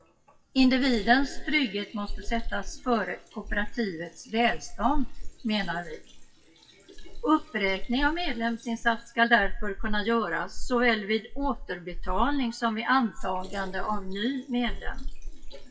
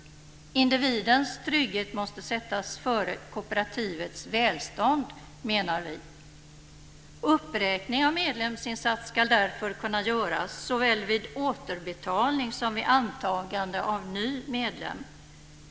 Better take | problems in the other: second | noise reduction (classical method WPE with log-MMSE)

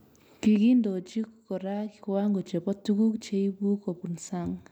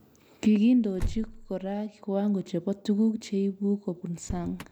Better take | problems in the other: first | background sound (Motor vehicle (road)); 12 dB below the speech

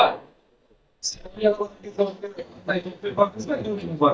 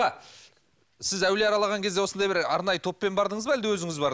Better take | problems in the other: second | noise reduction (neural mask model DeepFilterNet 3)

